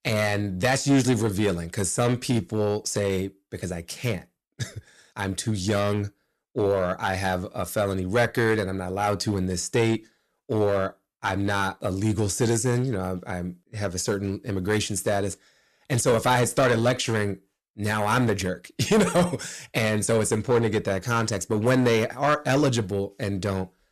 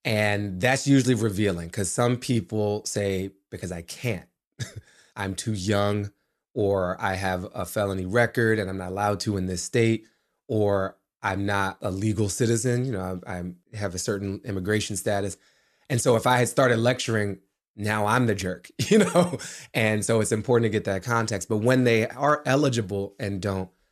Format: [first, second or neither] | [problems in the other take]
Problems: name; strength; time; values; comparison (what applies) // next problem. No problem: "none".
second | distortion; slight; 5% of the sound clipped